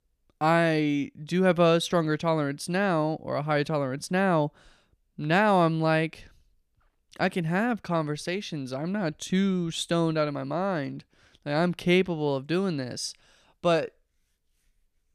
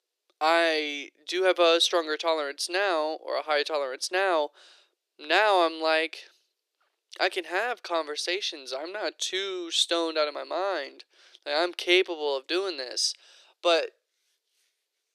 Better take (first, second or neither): first